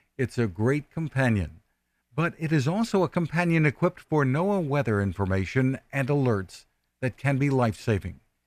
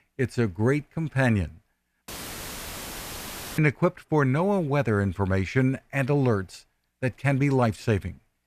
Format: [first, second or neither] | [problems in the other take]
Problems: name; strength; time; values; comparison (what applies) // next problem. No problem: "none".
first | audio cutting out; filled with static; at 2 s for 1.5 s